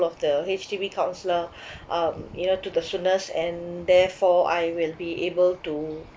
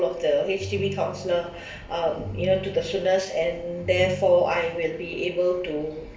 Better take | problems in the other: first | background sound (Ringtone); 12 dB below the speech // room echo; dies away in 0.7 s

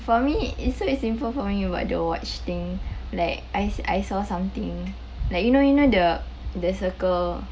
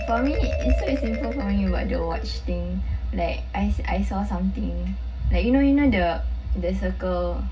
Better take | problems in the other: first | background sound (Marimba, xylophone); 15 dB below the speech // room echo; dies away in 0.4 s

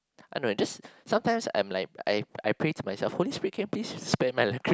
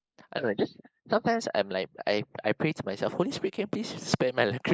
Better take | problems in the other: first | noise reduction (neural mask model Resemble Enhance denoiser)

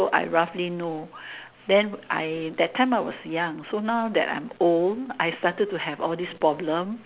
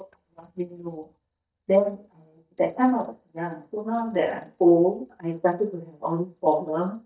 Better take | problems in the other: first | noise reduction (neural mask model DeepFilterNet 3)

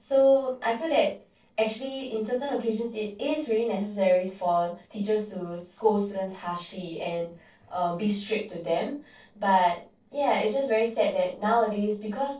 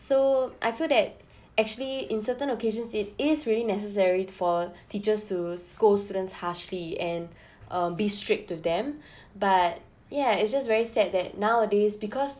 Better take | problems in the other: second | noise reduction (neural separator model SepFormer DNS4)

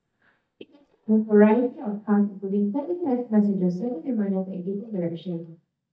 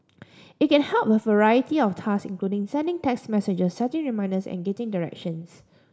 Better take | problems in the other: second | noise reduction (neural mask model DeepFilterNet 3)

